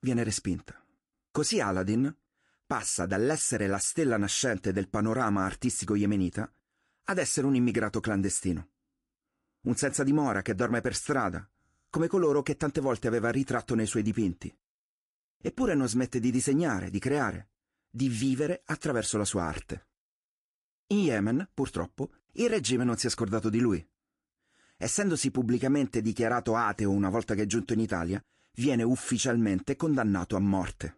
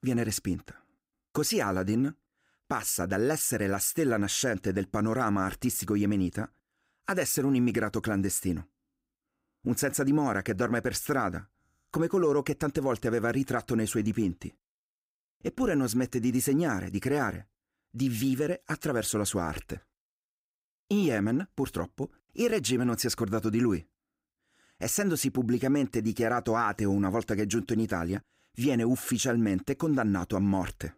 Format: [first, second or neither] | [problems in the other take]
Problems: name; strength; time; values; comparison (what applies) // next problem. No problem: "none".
second | garbled, watery; slightly; nothing above 11 kHz